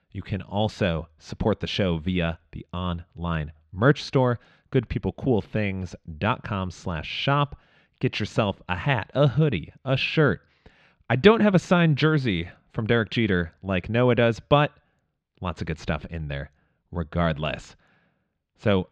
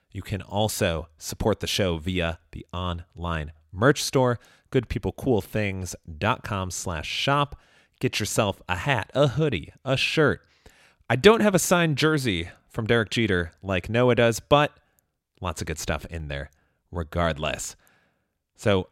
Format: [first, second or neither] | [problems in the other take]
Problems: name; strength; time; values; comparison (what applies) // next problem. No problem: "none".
second | muffled; slightly; fading above 4 kHz